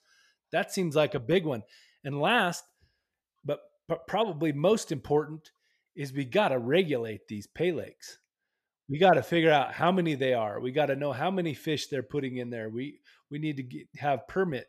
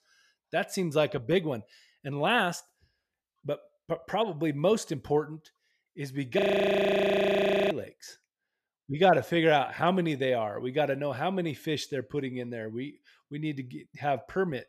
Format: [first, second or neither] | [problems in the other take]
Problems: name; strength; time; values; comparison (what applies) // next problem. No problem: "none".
first | audio freezing; at 6.5 s for 1.5 s